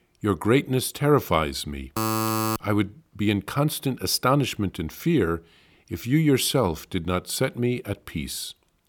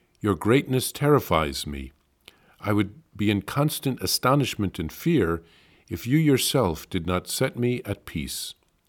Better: second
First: alarm; loud; at 2 s; peak 1 dB above the speech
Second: none

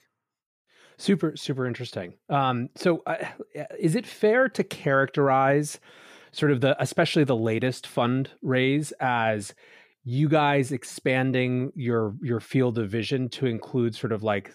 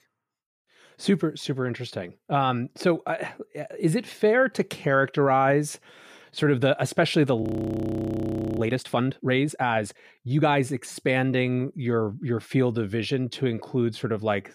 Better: first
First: none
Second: audio freezing; at 7.5 s for 1 s

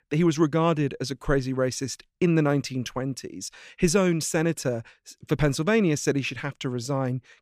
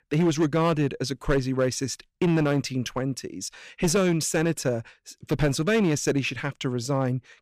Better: first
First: none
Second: distortion; slight; 6% of the sound clipped

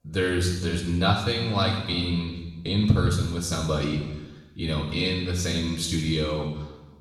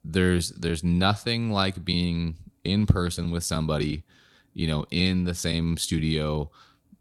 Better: second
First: room echo; noticeable; dies away in 1.1 s // off-mic speech; far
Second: none

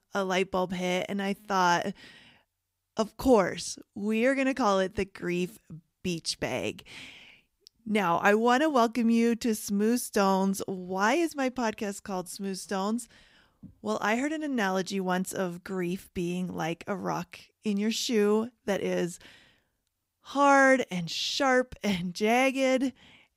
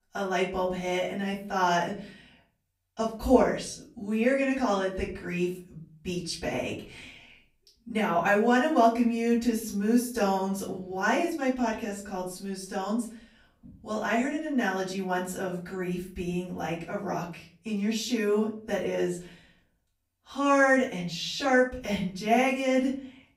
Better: first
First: none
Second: off-mic speech; far // room echo; slight; dies away in 0.4 s

